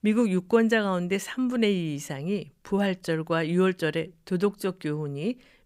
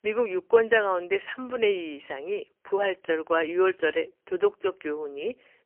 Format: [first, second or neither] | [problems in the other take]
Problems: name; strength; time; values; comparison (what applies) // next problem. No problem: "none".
first | phone-call audio; poor line; nothing above 3 kHz